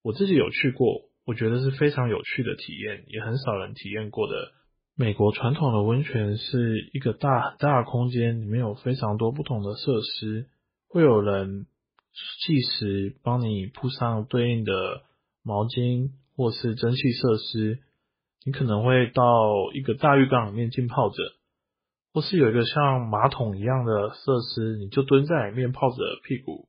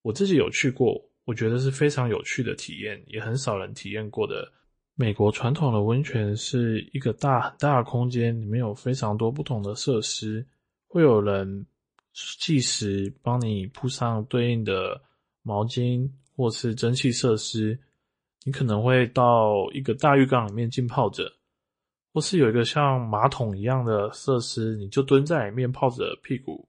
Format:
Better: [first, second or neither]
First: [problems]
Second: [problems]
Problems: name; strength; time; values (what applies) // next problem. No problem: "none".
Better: second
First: garbled, watery; badly; nothing above 5 kHz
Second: garbled, watery; slightly; nothing above 8.5 kHz